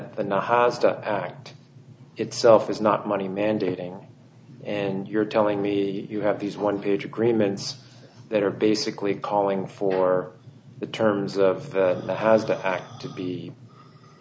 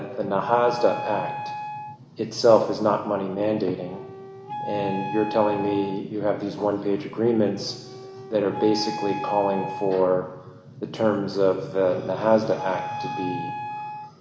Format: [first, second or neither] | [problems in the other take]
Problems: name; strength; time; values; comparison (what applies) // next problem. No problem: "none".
first | background sound (Wind instrument, woodwind instrument); 11 dB below the speech // room echo; dies away in 1.1 s